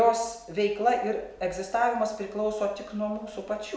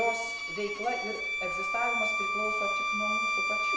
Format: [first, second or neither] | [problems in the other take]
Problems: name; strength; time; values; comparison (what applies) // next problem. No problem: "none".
first | background sound (Bowed string instrument); 5 dB above the speech